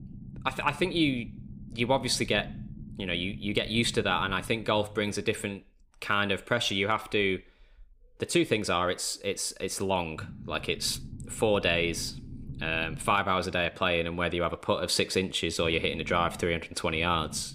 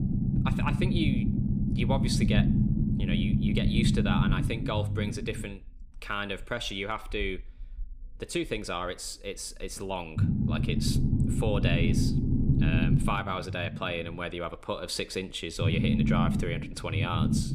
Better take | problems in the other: first | low rumble; loud; throughout; 3 dB below the speech; faint in the first

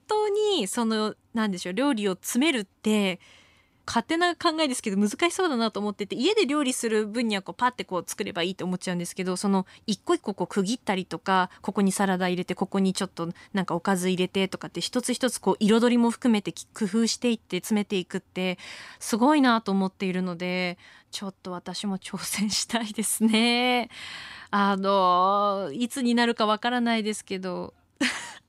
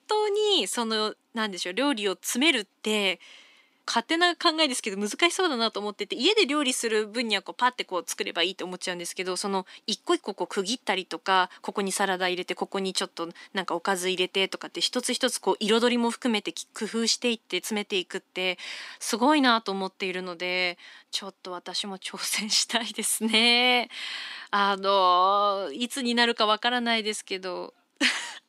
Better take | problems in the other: first | thin; very slightly; fading below 250 Hz

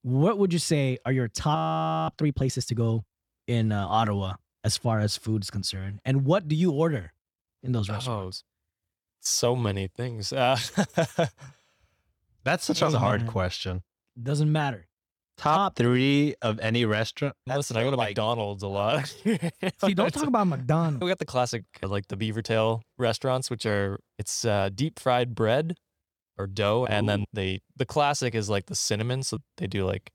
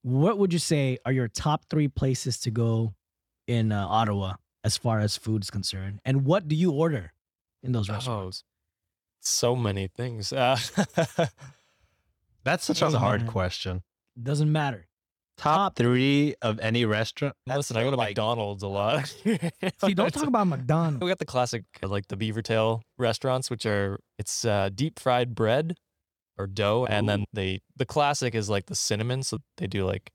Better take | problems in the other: second | audio freezing; at 1.5 s for 0.5 s

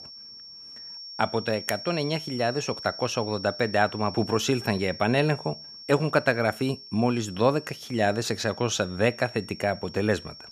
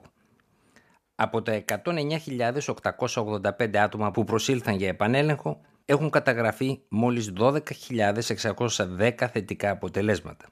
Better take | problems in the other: second | high-pitched whine; noticeable; throughout; 5.5 kHz, 15 dB below the speech

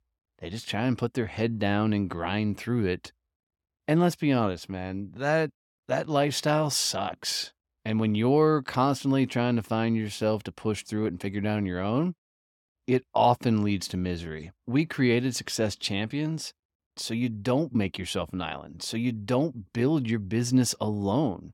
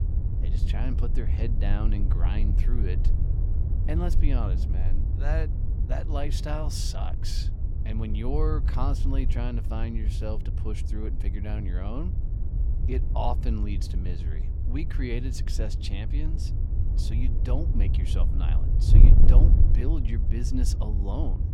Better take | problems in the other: first | wind noise on the microphone; heavy; 5 dB below the speech

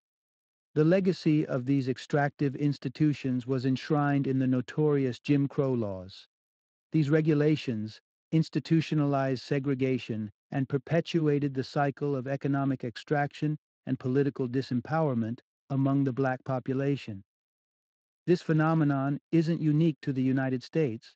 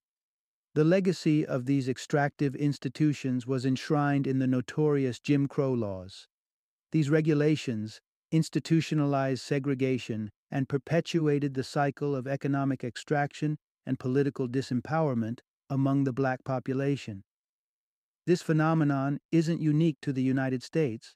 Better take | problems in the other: second | garbled, watery; slightly; nothing above 7.5 kHz

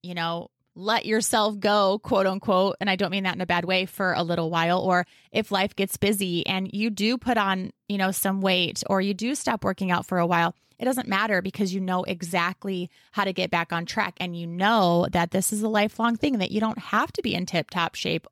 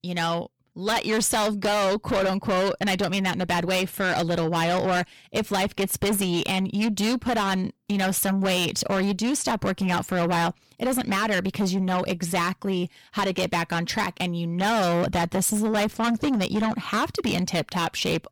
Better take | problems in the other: first | distortion; heavy; 6 dB below the speech

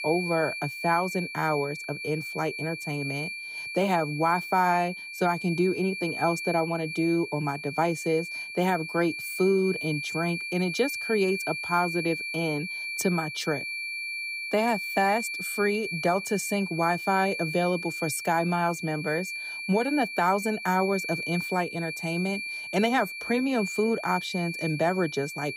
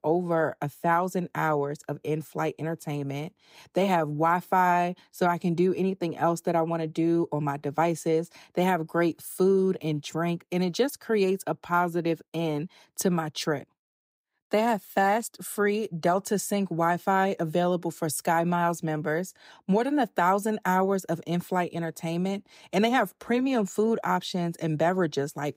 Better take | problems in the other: second | high-pitched whine; loud; throughout; 2.5 kHz, 5 dB below the speech

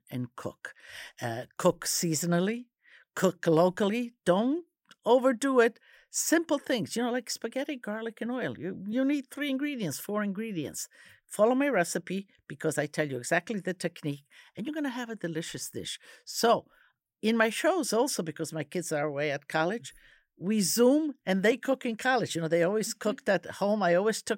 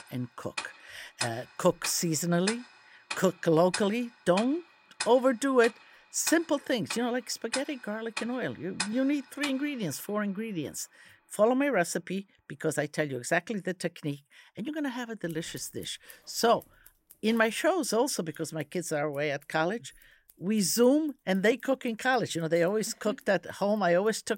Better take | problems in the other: first | household noises; loud; throughout; 10 dB below the speech

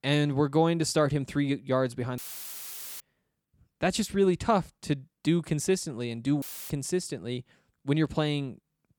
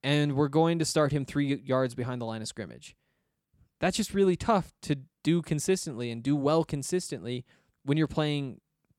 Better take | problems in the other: second | audio cutting out; filled with static; at 2 s for 1 s and at 6.5 s

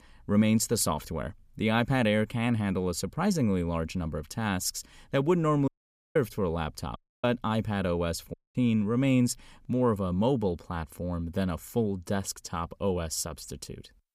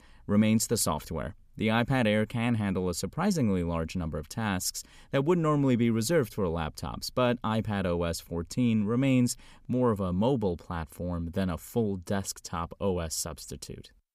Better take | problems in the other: second | audio cutting out; at 5.5 s, at 7 s and at 8.5 s

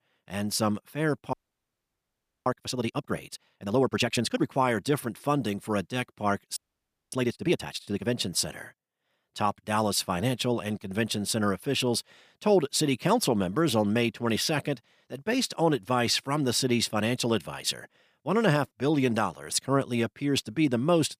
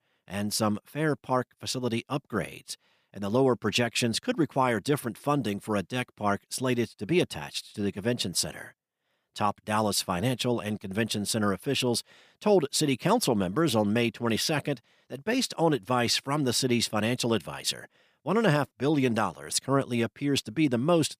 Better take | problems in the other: second | audio freezing; at 1.5 s for 1 s and at 6.5 s for 0.5 s

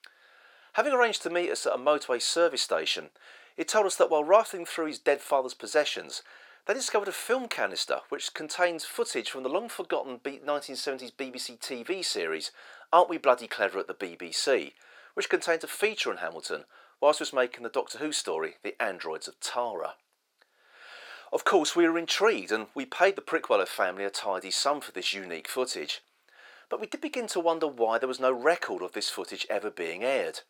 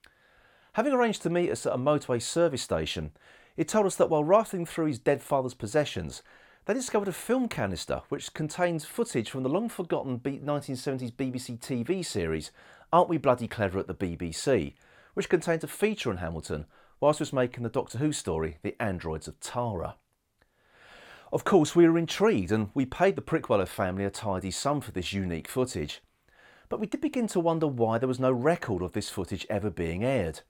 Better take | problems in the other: second | thin; somewhat; fading below 400 Hz

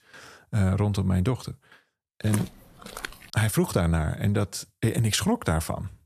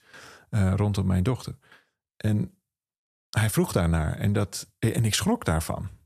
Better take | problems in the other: second | footsteps; noticeable; at 2.5 s; peak 10 dB below the speech

